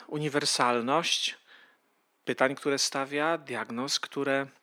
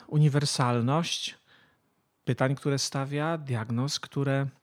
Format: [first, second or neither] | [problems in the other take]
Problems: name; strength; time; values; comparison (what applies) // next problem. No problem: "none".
second | thin; somewhat; fading below 300 Hz